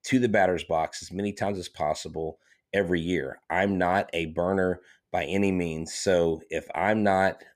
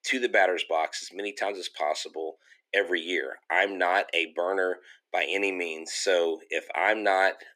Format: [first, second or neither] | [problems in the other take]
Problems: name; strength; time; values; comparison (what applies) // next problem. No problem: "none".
first | thin; somewhat; fading below 300 Hz